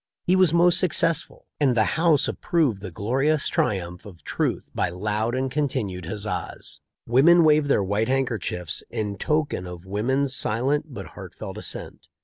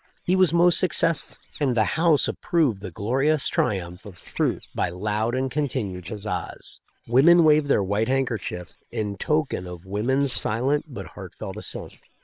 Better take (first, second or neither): first